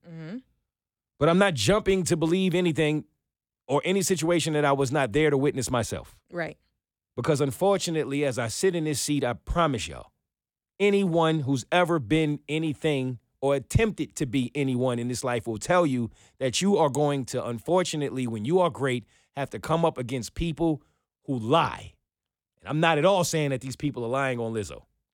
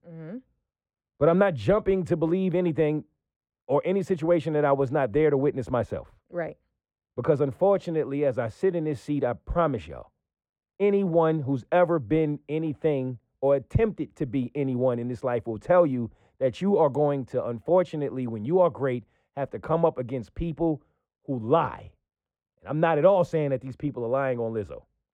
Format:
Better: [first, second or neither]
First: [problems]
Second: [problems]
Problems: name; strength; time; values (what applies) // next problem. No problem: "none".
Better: first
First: none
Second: muffled; very; fading above 3 kHz